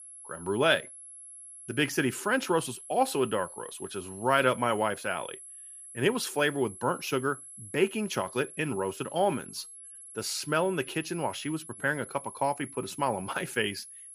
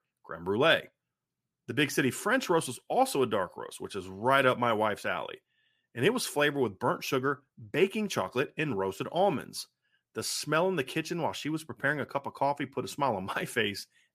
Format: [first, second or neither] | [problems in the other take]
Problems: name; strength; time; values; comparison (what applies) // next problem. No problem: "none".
second | high-pitched whine; noticeable; throughout; 11 kHz, 15 dB below the speech